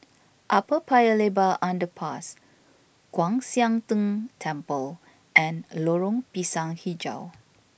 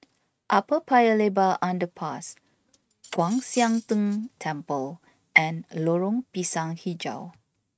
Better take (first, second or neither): first